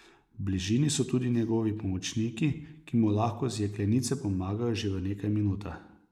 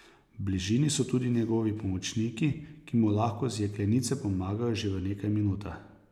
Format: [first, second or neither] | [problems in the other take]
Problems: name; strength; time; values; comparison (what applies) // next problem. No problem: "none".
second | noise reduction (neural mask model Resemble Enhance denoiser)